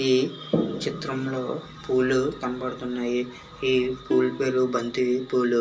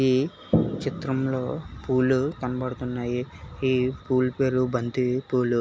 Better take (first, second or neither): second